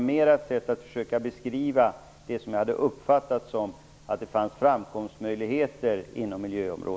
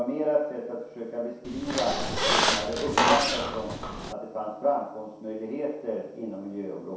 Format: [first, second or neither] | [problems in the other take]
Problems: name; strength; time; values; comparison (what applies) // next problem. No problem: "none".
first | background sound (Squeak); 4 dB above the speech // room echo; dies away in 0.7 s